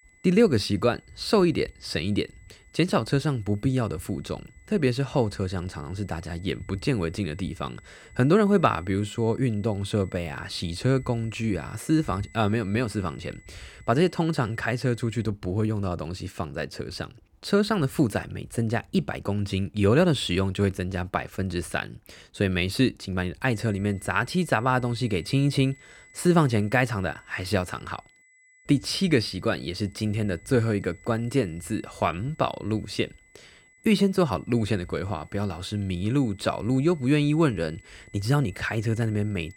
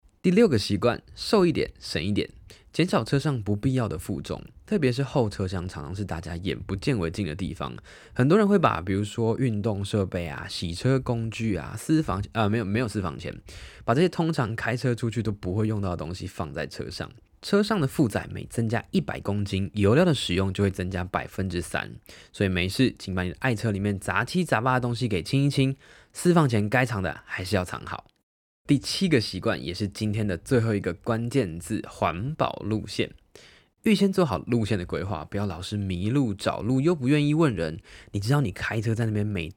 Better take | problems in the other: second | high-pitched whine; faint; until 15 s and from 24 s on; 2 kHz, 30 dB below the speech

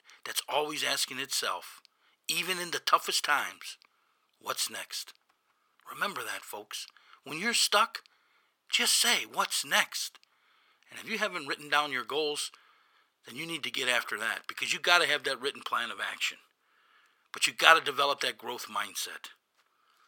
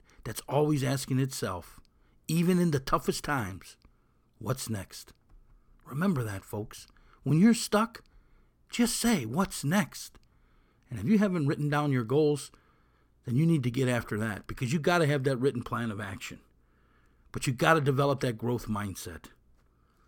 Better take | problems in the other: second | thin; very; fading below 800 Hz

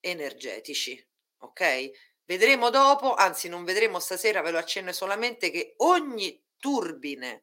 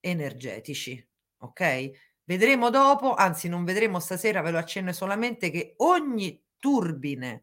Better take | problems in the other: second | thin; somewhat; fading below 350 Hz

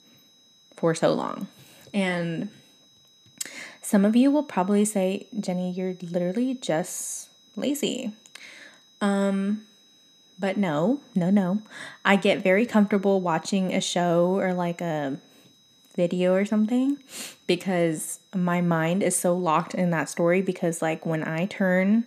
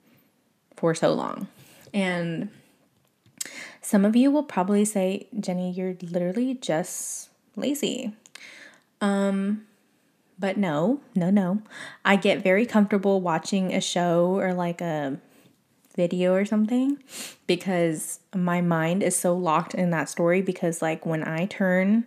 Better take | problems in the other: second | high-pitched whine; faint; throughout; 4 kHz, 30 dB below the speech

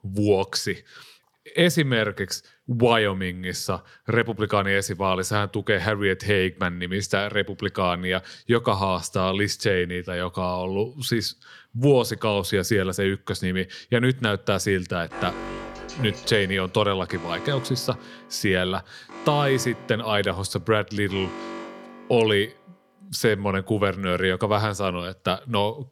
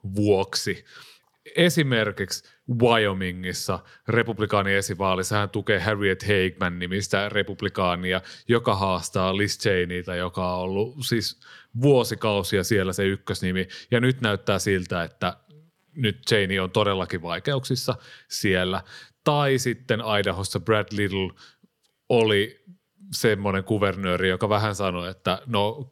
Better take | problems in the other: second | alarm; noticeable; from 15 to 22 s; peak 9 dB below the speech

